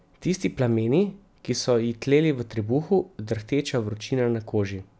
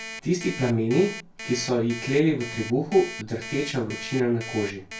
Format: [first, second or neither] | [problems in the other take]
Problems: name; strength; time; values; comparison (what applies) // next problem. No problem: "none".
first | background sound (Alarm); 13 dB below the speech // room echo; dies away in 0.2 s